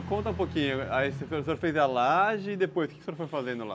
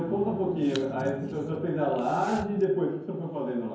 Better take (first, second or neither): first